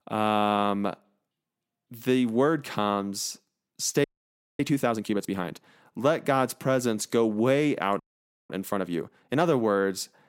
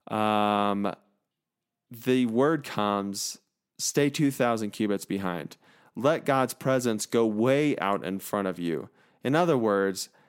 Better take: second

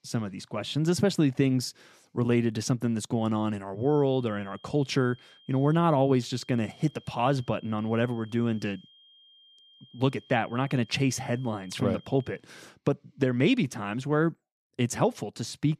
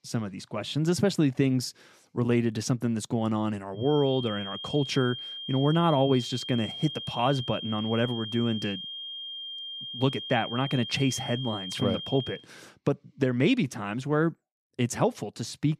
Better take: first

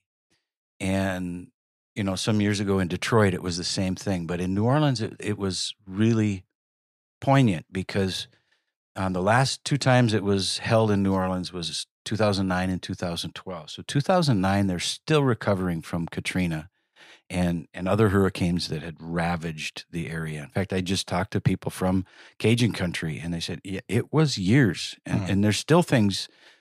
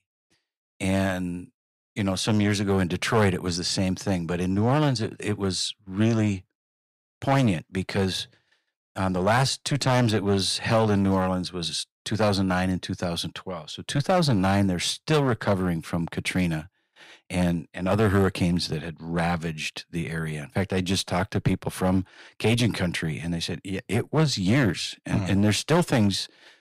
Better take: first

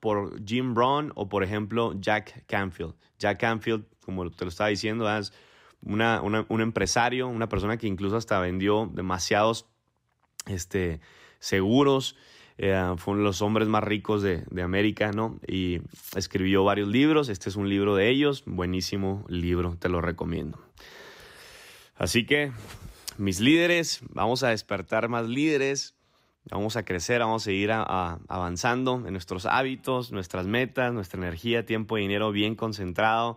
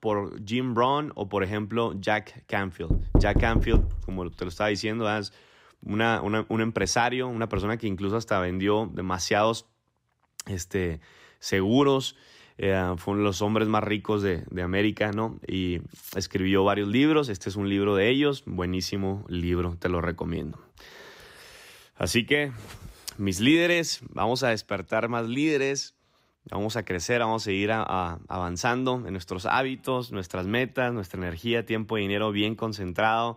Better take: first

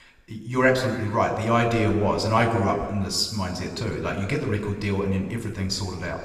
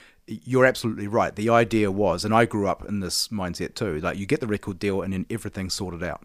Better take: second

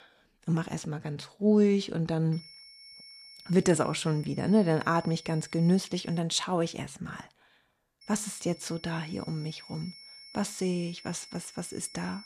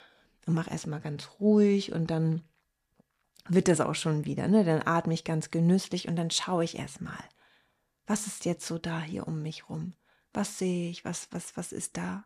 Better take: second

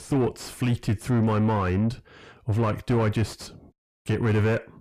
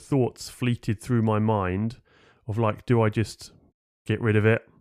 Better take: second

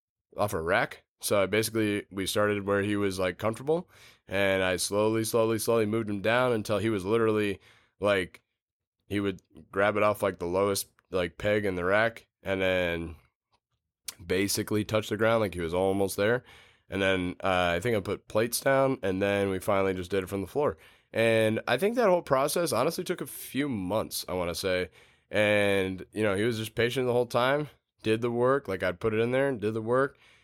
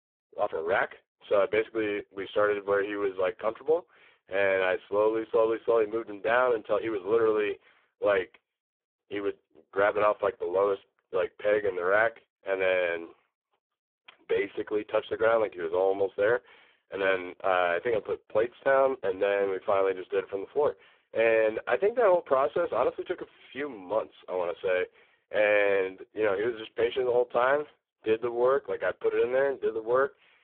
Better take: first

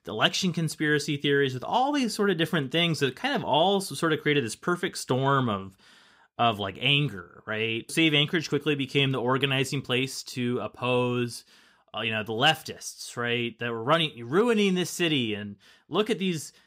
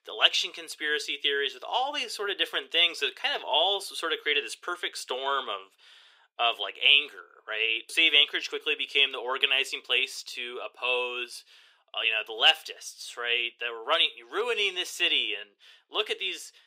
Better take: first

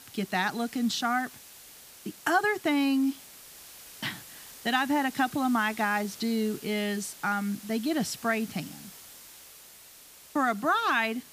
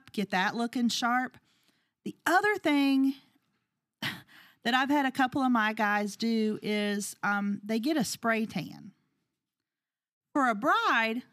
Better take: second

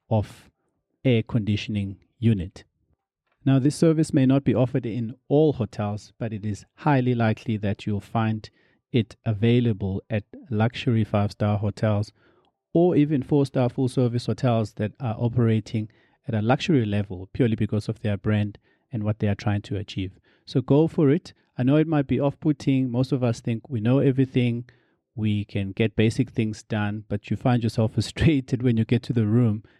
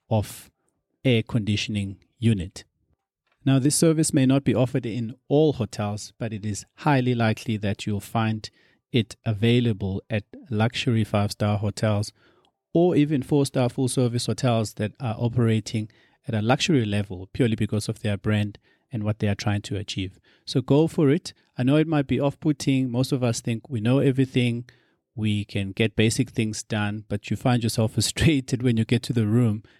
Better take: second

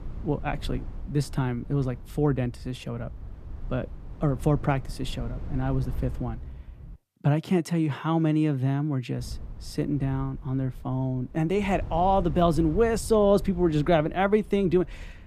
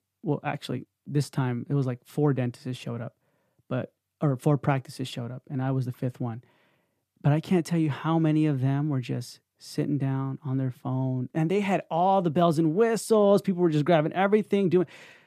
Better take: second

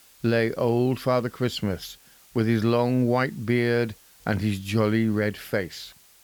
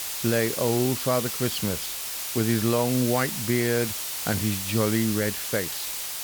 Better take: first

